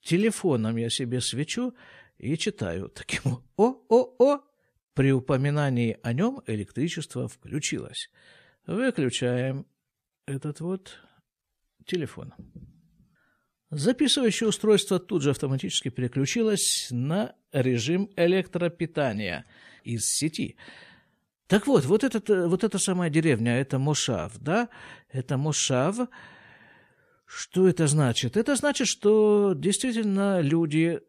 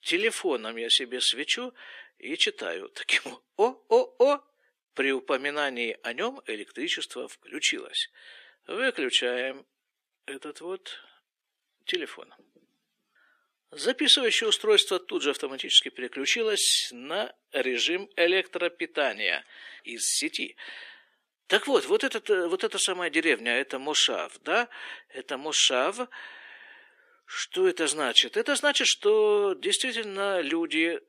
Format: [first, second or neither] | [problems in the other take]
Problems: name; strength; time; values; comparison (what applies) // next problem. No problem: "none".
first | thin; very; fading below 300 Hz